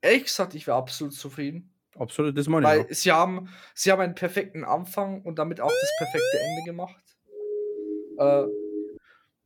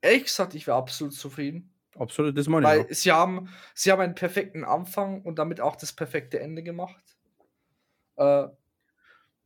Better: second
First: siren; noticeable; at 5.5 s and from 7.5 s on; peak level with the speech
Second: none

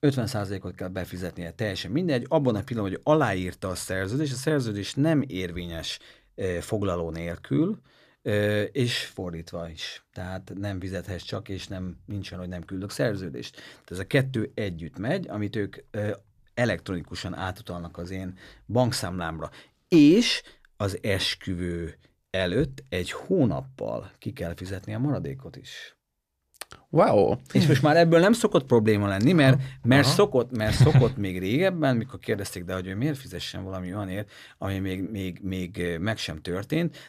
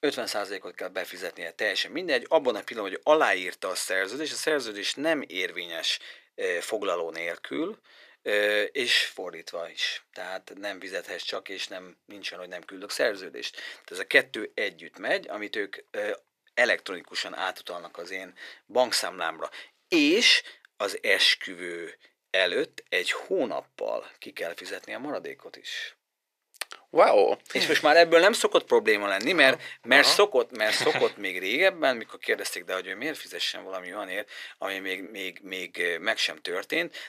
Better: first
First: none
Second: thin; very; fading below 400 Hz

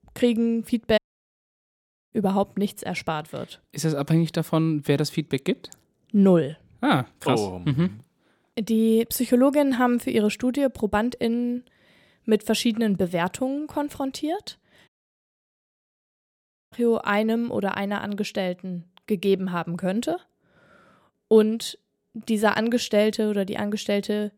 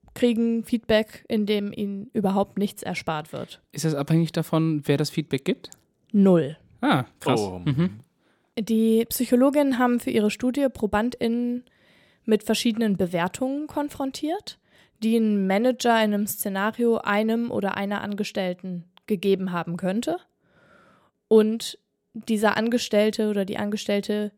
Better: second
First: audio cutting out; at 1 s for 1 s and at 15 s for 2 s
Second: none

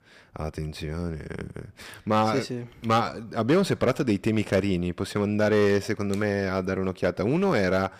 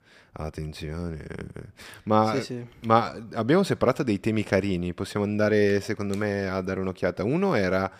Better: second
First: distortion; slight; 4% of the sound clipped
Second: none

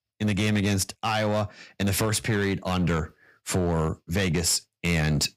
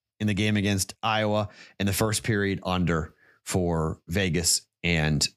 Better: second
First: distortion; slight; 10% of the sound clipped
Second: none

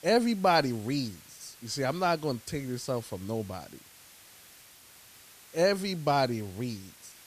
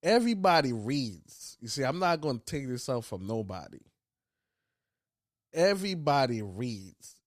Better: second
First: hiss; faint; throughout; 20 dB below the speech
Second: none

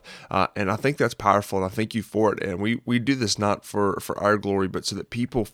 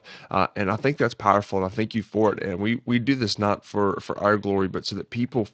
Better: first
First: none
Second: garbled, watery; slightly; nothing above 7.5 kHz

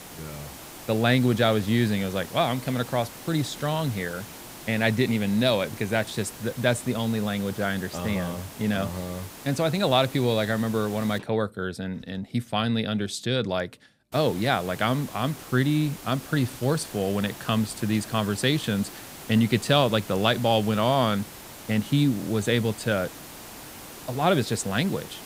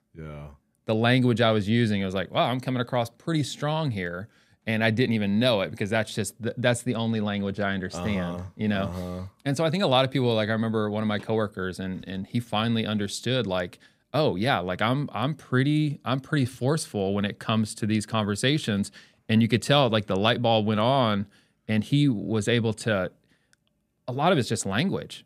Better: second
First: hiss; noticeable; until 11 s and from 14 s on; 15 dB below the speech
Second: none

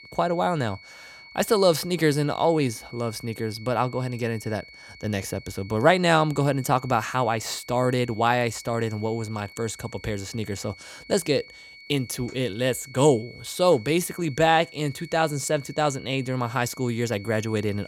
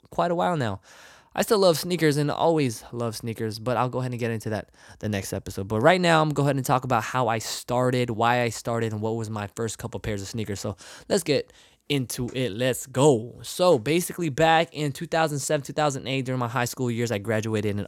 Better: second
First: high-pitched whine; noticeable; throughout; 2 kHz, 20 dB below the speech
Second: none

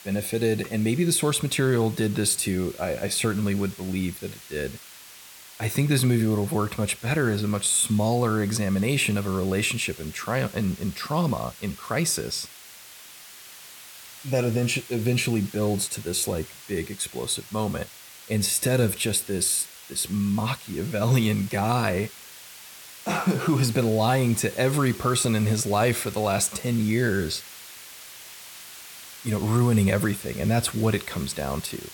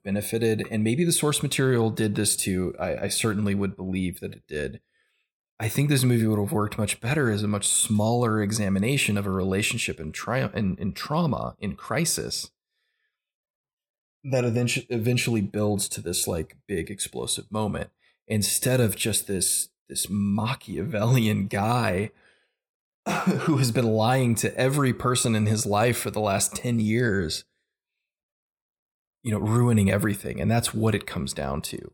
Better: second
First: hiss; noticeable; throughout; 15 dB below the speech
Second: none

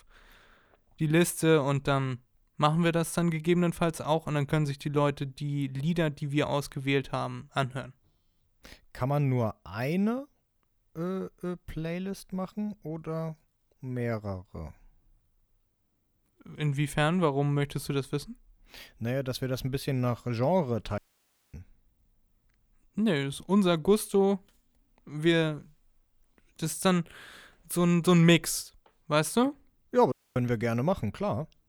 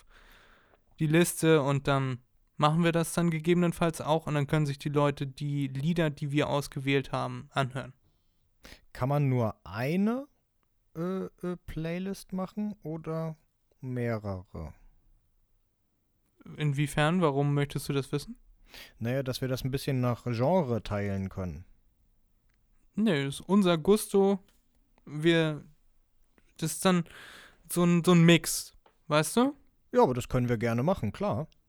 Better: second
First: audio cutting out; at 21 s for 0.5 s and at 30 s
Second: none

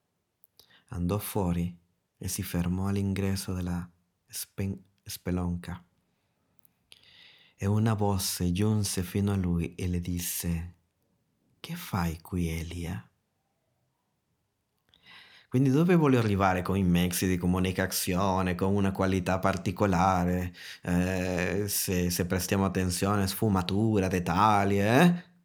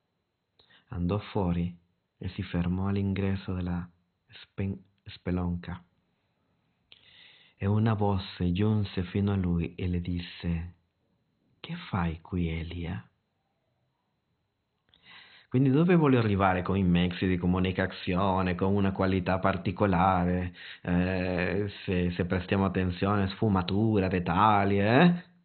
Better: first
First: none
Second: garbled, watery; badly; nothing above 4 kHz

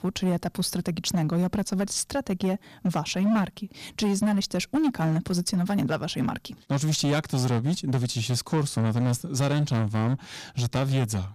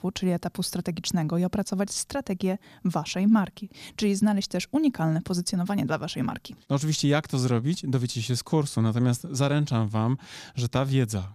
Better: second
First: distortion; slight; 12% of the sound clipped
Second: none

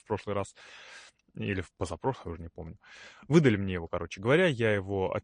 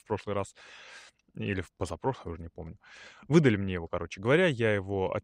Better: second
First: garbled, watery; slightly; nothing above 9.5 kHz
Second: none

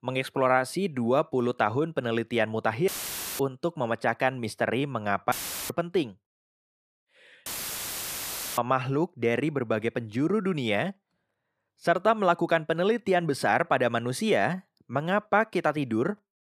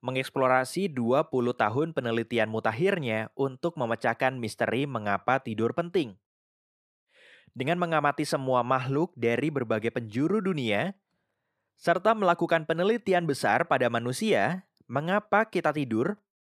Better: second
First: audio cutting out; filled with static; at 3 s for 0.5 s, at 5.5 s and at 7.5 s for 1 s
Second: none

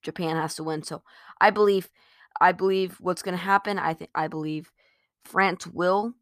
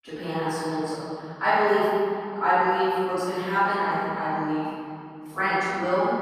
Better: first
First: none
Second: room echo; strong; dies away in 2.4 s // off-mic speech; far

